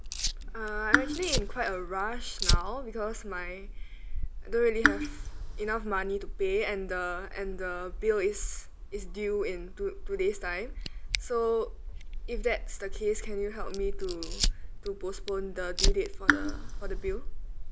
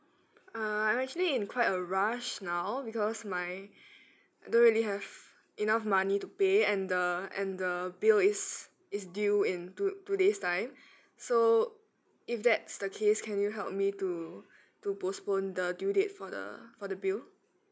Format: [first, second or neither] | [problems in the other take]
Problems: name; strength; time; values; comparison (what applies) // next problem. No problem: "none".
second | background sound (Raindrop / Drip + Fire); 2 dB above the speech